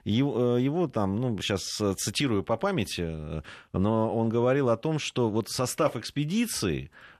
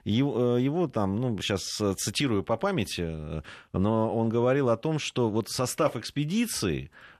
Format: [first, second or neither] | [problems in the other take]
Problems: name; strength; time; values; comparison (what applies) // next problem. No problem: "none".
neither | none